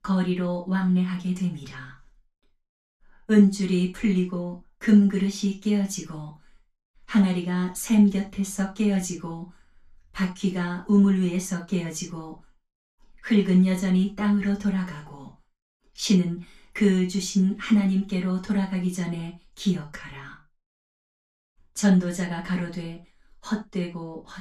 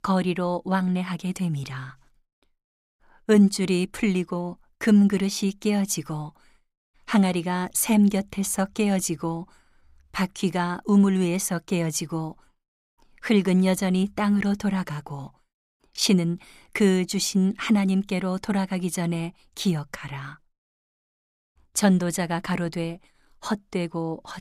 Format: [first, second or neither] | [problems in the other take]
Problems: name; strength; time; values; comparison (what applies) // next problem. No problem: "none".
second | room echo; slight; dies away in 0.2 s // off-mic speech; far